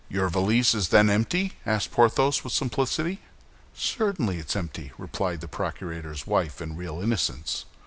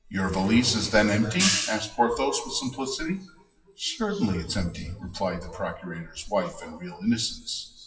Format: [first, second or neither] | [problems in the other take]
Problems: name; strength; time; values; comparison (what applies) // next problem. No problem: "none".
first | noise reduction (classical method WPE with log-MMSE)